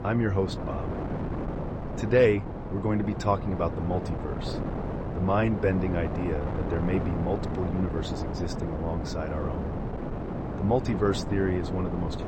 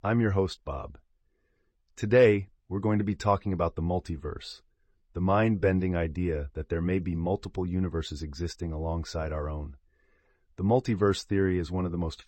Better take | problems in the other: second | wind noise on the microphone; heavy; 6 dB below the speech

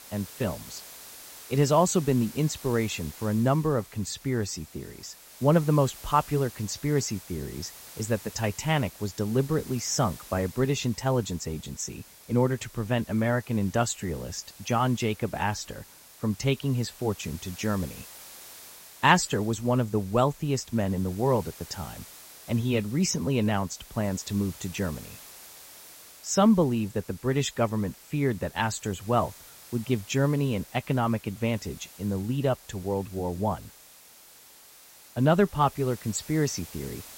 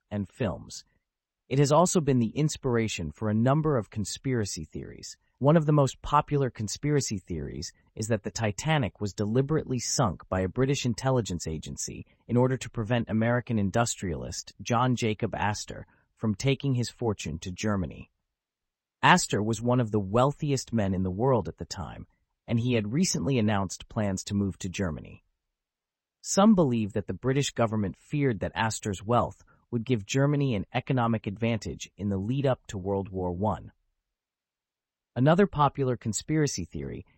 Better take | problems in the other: second | hiss; noticeable; throughout; 20 dB below the speech

